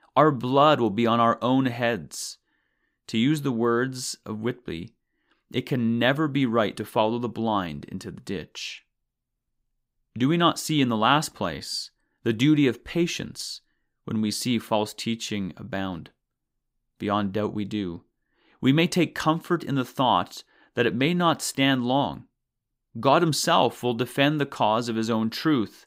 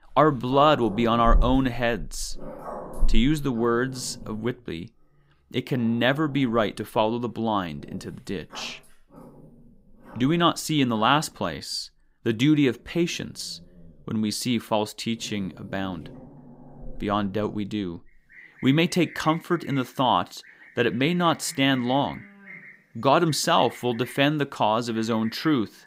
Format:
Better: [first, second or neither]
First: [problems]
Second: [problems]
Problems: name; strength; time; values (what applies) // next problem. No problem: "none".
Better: first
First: none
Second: animal sounds; noticeable; throughout; 15 dB below the speech